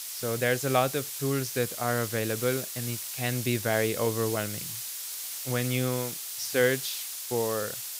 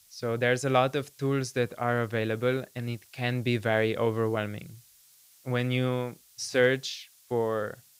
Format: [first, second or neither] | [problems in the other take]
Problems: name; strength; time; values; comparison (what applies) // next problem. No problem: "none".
second | hiss; loud; throughout; 4 dB below the speech; faint in the second